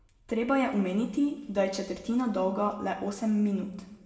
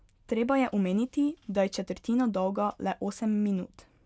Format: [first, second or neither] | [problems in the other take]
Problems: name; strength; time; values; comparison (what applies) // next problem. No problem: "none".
second | room echo; dies away in 0.9 s